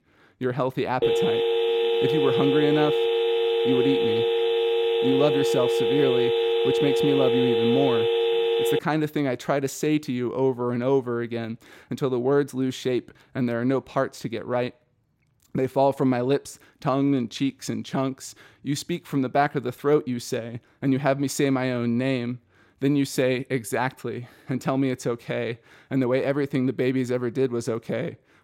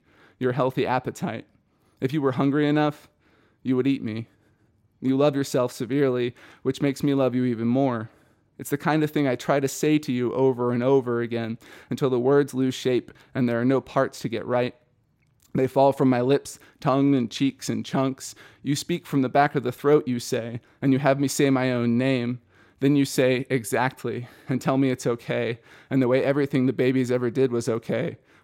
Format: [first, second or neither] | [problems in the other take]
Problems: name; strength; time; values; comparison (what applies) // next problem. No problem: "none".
second | phone ringing; loud; from 1 to 9 s; peak 4 dB above the speech